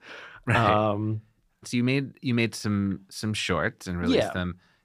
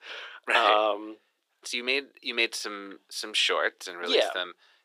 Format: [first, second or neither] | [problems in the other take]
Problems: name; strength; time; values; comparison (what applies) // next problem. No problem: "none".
first | thin; very; fading below 400 Hz